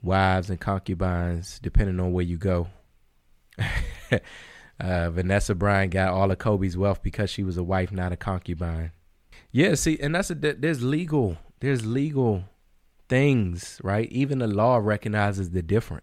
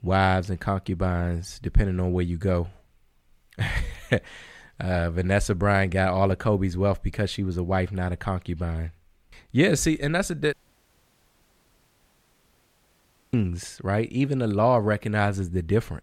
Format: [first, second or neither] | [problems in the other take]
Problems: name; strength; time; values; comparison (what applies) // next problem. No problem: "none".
first | audio cutting out; at 11 s for 3 s